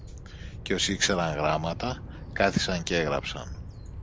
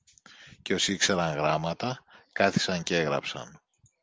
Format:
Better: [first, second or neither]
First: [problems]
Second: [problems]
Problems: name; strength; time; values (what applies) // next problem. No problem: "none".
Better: second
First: background sound (Bird vocalization, bird call, bird song); 10 dB below the speech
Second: none